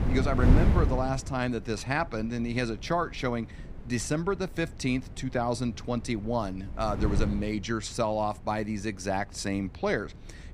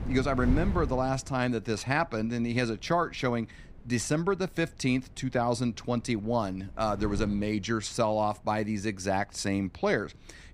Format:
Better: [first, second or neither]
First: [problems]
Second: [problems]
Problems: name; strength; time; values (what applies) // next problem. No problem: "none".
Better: second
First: wind noise on the microphone; heavy; 7 dB below the speech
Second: wind noise on the microphone; occasional gusts; 15 dB below the speech